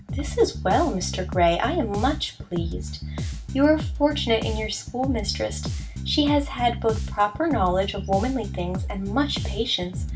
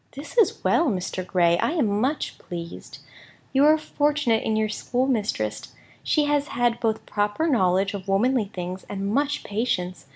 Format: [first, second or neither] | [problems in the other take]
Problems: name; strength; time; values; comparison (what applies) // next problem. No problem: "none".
second | background sound (Bass guitar); 6 dB below the speech // room echo; dies away in 0.1 s